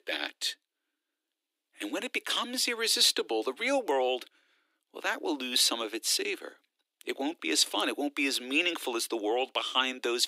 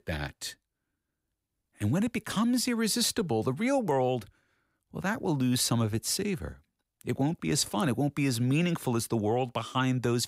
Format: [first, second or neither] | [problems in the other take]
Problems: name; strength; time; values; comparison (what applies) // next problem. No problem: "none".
second | thin; somewhat; fading below 300 Hz